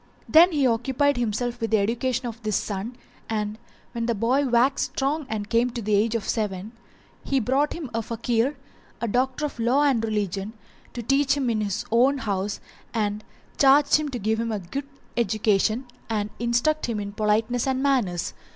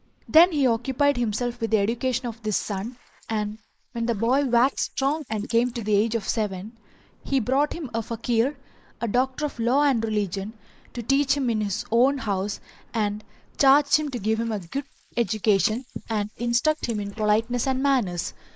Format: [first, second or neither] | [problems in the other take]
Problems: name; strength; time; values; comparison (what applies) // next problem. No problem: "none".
first | noise reduction (neural mask model Resemble Enhance denoiser)